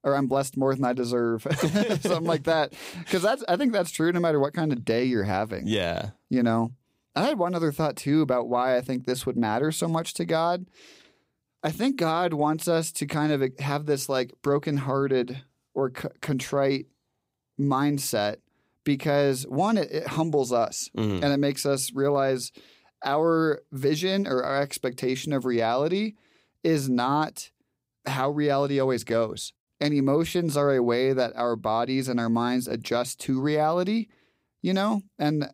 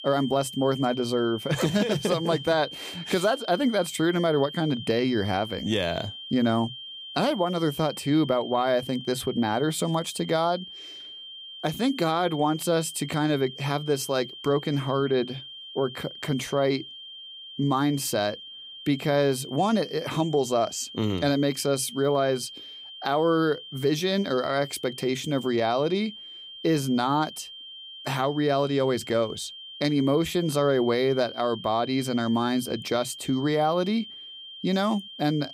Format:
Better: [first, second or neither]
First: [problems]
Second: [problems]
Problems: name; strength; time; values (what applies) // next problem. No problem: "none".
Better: first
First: none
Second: high-pitched whine; noticeable; throughout; 3 kHz, 15 dB below the speech